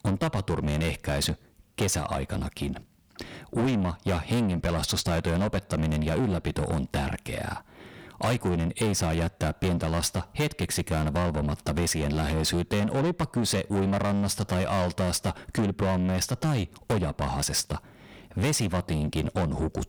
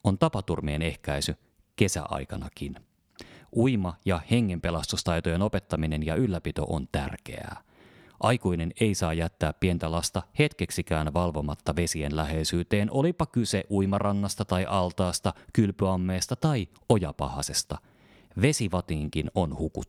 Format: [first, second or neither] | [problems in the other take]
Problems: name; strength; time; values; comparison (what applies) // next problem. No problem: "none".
second | distortion; heavy; 6 dB below the speech